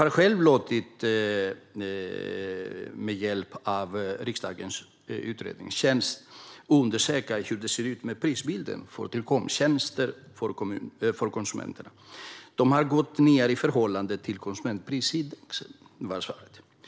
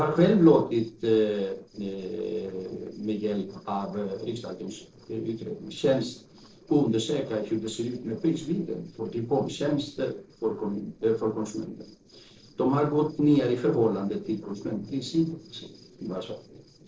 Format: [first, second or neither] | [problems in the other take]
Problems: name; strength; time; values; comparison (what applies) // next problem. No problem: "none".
first | noise reduction (neural separator model SepFormer DNS4)